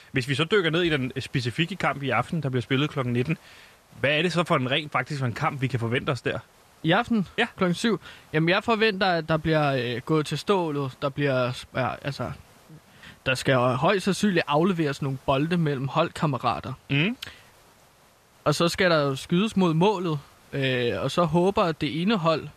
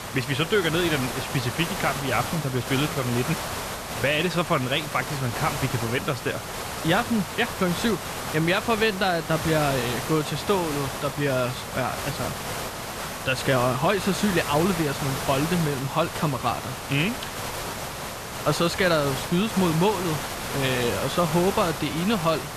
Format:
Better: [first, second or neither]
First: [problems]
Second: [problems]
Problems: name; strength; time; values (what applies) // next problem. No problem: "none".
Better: first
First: hiss; faint; throughout; 30 dB below the speech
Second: hiss; loud; throughout; 6 dB below the speech